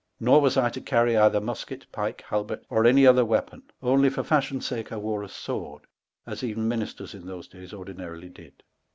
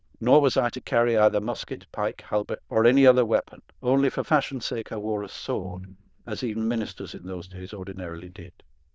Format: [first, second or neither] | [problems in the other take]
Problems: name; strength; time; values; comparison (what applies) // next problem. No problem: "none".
first | noise reduction (neural diffusion model UNIVERSE++)